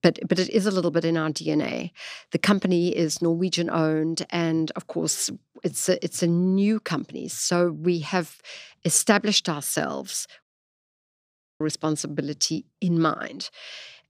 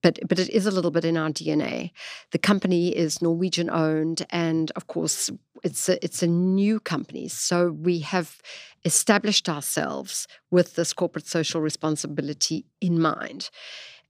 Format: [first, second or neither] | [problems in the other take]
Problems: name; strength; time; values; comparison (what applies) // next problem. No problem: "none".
second | audio cutting out; at 10 s for 1 s